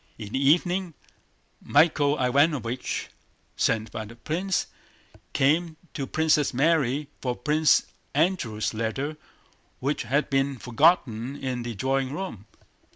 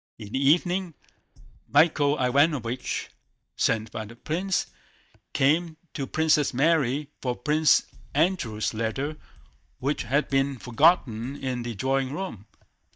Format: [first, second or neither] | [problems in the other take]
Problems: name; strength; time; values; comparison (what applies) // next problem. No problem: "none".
first | noise reduction (neural mask model DeepFilterNet 3)